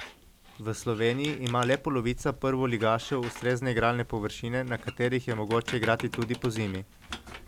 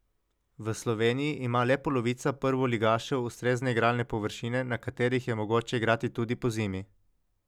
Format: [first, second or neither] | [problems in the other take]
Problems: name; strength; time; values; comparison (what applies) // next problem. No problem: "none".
second | background sound (Squeak); 14 dB below the speech